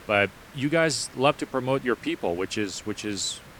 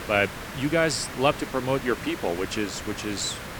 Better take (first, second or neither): first